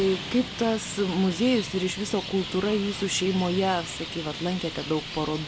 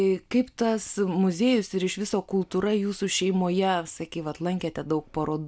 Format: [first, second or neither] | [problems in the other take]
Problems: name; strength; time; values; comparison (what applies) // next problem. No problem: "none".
second | background sound (Traffic noise, roadway noise); 9 dB below the speech